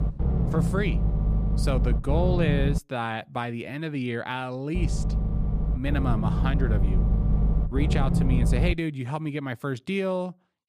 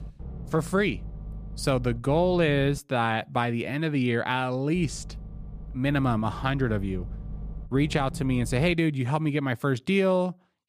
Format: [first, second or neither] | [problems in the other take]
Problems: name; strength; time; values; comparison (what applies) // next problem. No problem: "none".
second | low rumble; loud; until 3 s and from 5 to 8.5 s; 5 dB below the speech; faint in the second